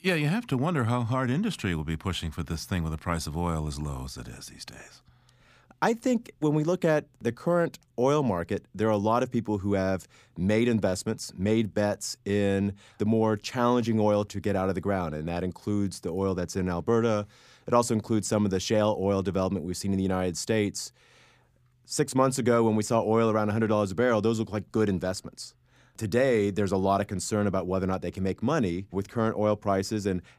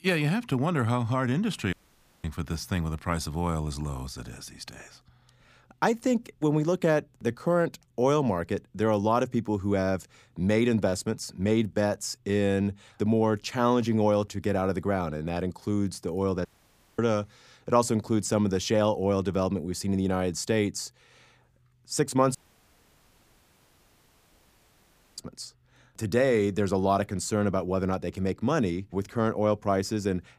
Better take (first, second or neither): first